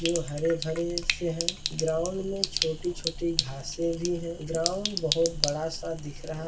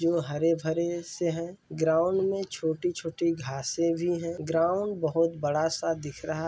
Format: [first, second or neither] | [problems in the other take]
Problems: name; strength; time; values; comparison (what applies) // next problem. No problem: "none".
second | background sound (Sink (filling or washing)); 3 dB below the speech // room echo; dies away in 0.2 s